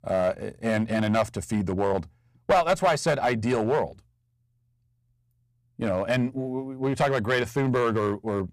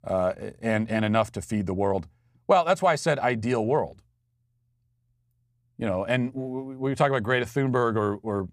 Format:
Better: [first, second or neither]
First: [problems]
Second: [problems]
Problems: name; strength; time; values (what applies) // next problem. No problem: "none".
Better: second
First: distortion; slight; 4% of the sound clipped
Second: none